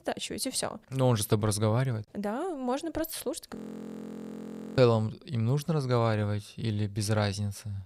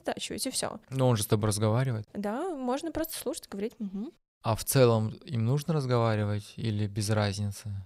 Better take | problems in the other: second | audio freezing; at 3.5 s for 1 s

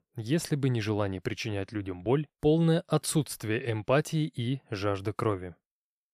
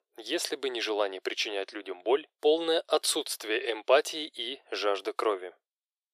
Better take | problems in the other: first | thin; very; fading below 350 Hz

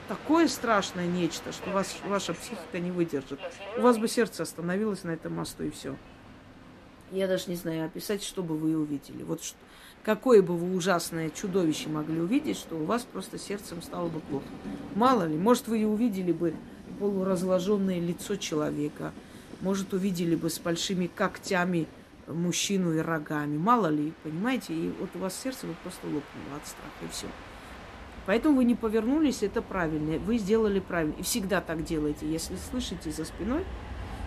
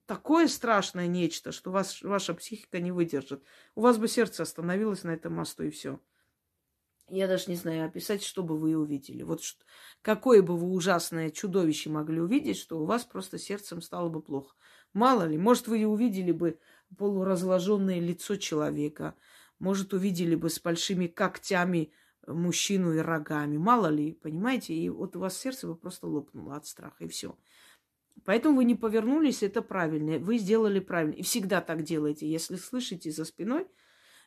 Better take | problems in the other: second | train or aircraft noise; noticeable; throughout; 15 dB below the speech

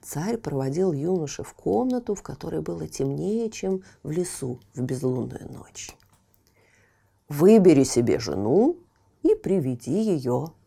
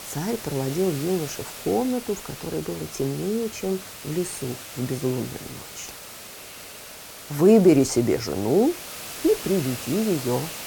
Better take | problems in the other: first | hiss; noticeable; throughout; 10 dB below the speech

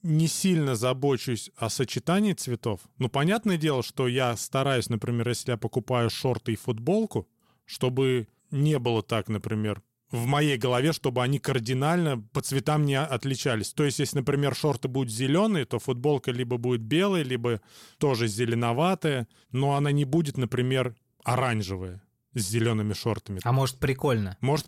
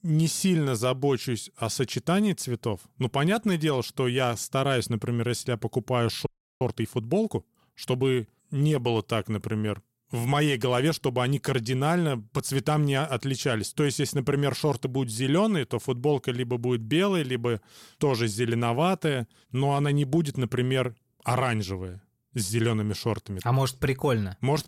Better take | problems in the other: first | audio freezing; at 6.5 s

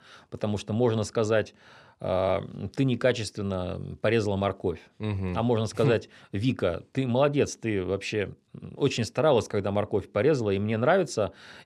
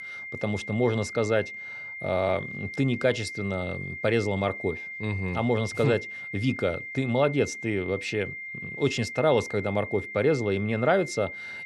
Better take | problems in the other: first | high-pitched whine; loud; throughout; 2 kHz, 8 dB below the speech

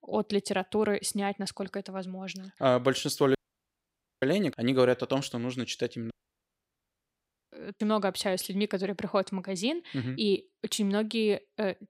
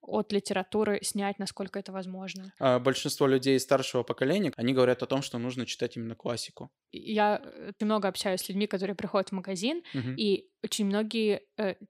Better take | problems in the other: second | audio cutting out; at 3.5 s for 1 s and at 6 s for 1.5 s

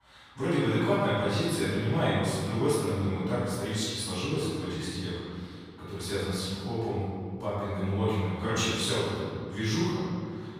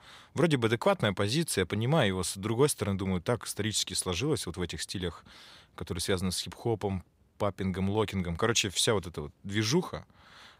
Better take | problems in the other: second | room echo; strong; dies away in 2.1 s // off-mic speech; far

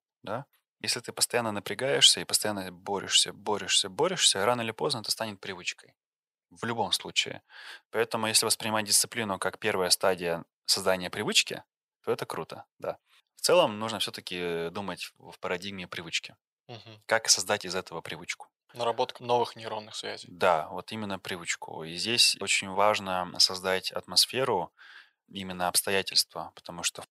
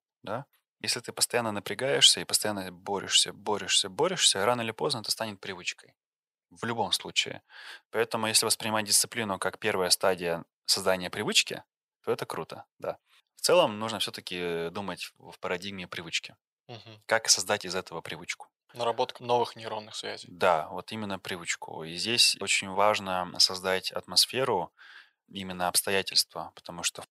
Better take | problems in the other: neither | thin; very; fading below 500 Hz; the same in both

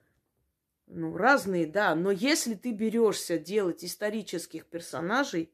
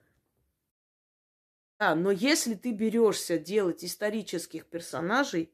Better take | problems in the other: first | audio cutting out; at 0.5 s for 1 s

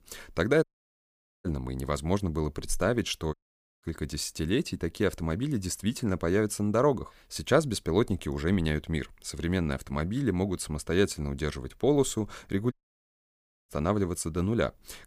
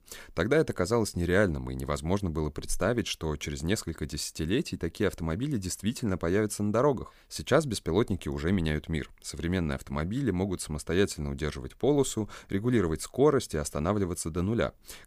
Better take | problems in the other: second | audio cutting out; at 0.5 s for 1 s, at 3.5 s and at 13 s for 1 s

